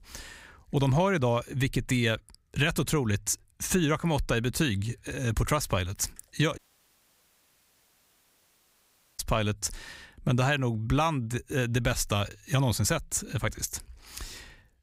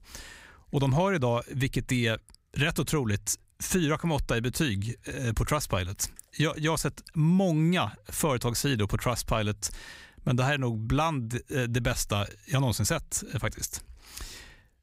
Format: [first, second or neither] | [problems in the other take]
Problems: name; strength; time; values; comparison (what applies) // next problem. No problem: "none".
second | audio cutting out; at 6.5 s for 2.5 s